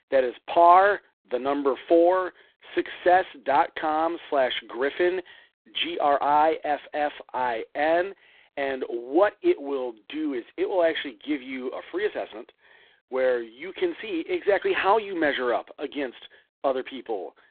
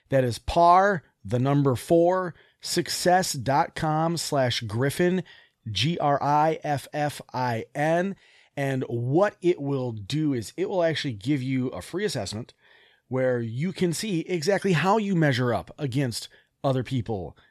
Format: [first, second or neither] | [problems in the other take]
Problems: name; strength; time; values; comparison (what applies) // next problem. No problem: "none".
second | phone-call audio; poor line